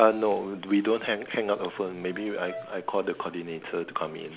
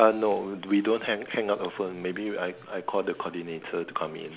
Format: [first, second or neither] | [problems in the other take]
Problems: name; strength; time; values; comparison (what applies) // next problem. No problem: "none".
second | background sound (Brass instrument); 17 dB below the speech